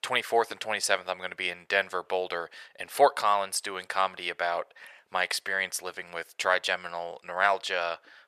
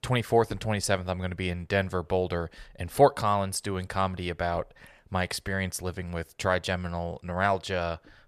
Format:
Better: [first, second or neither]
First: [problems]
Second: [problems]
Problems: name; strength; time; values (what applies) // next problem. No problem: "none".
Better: second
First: thin; very; fading below 550 Hz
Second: none